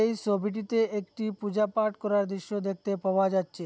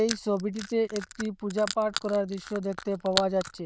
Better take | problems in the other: first | noise reduction (neural diffusion model UNIVERSE++)

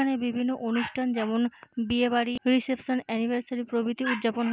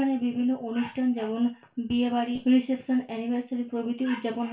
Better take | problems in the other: first | room echo; dies away in 0.3 s

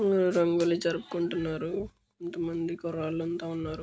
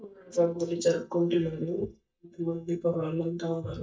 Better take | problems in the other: first | noise reduction (neural mask model DeepFilterNet 3)

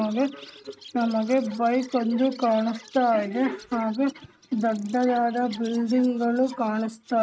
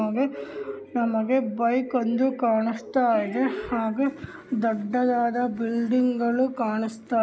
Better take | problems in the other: second | noise reduction (neural mask model RNNoise)

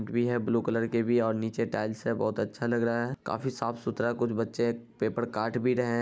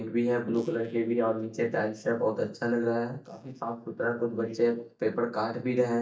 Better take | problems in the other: first | noise reduction (neural mask model DeepFilterNet 3)

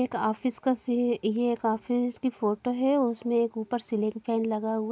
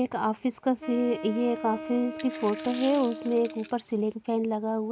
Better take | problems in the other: first | background sound (Wind instrument, woodwind instrument + Coin (dropping)); 12 dB below the speech

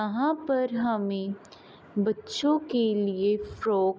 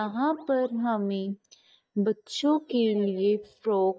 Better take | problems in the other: first | noise reduction (neural mask model DeepFilterNet 3)

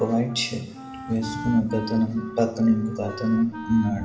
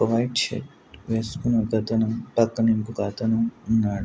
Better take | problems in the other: second | background sound (Wind instrument, woodwind instrument); 13 dB below the speech // room echo; dies away in 2 s

